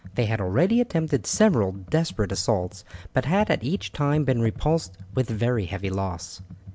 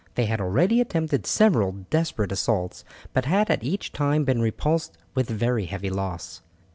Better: second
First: background sound (Computer keyboard); 18 dB below the speech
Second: none

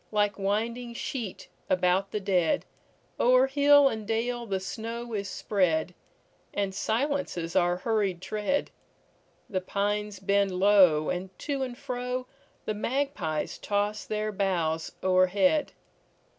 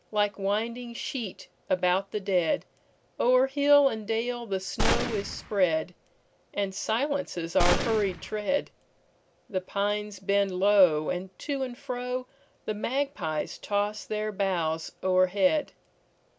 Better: first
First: none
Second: background sound (Gunshot, gunfire); 2 dB below the speech

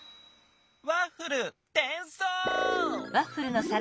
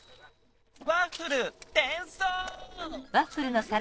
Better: first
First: none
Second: noise reduction (neural separator model SepFormer DNS4)

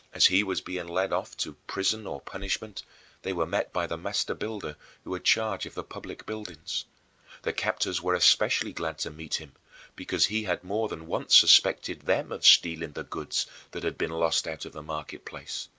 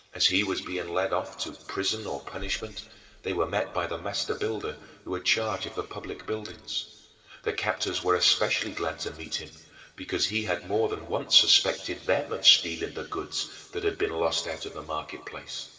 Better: first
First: none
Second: room echo; dies away in 2.1 s

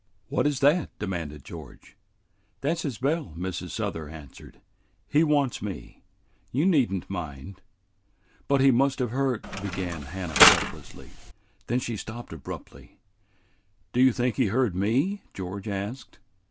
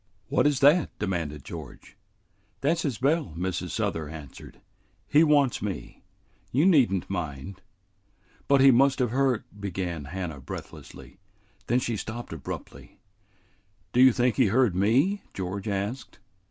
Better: second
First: background sound (Mechanisms); 3 dB above the speech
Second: none

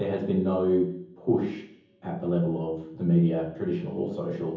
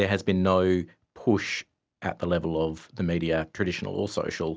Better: second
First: room echo; dies away in 0.7 s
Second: none

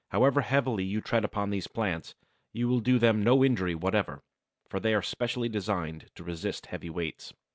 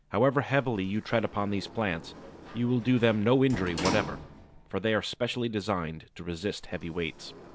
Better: first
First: none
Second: background sound (Sliding door); 13 dB below the speech

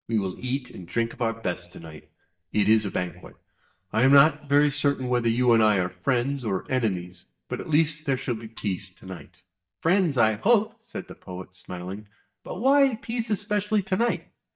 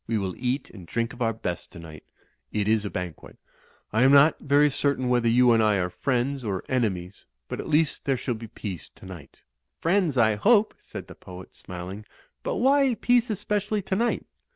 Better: second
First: noise reduction (neural mask model DeepFilterNet 3)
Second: none

